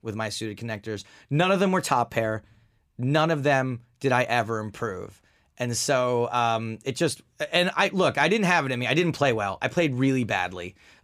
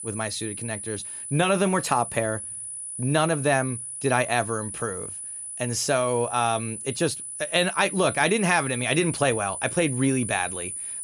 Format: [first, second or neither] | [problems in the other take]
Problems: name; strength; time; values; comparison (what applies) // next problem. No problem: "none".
first | high-pitched whine; loud; throughout; 10 kHz, 7 dB below the speech